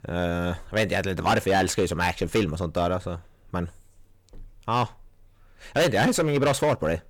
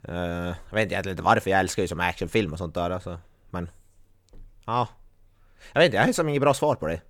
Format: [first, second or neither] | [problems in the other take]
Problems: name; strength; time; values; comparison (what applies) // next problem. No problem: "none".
second | distortion; heavy; 6% of the sound clipped